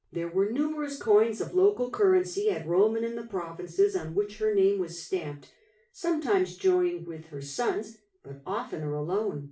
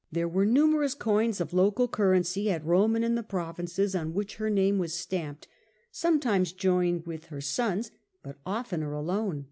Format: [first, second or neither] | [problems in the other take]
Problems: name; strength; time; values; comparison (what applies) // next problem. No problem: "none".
second | room echo; dies away in 0.3 s